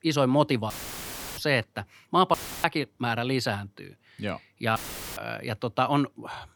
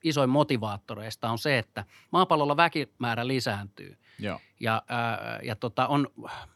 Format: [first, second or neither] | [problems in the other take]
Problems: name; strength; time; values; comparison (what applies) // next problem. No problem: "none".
second | audio cutting out; filled with static; at 0.5 s for 0.5 s, at 2.5 s and at 5 s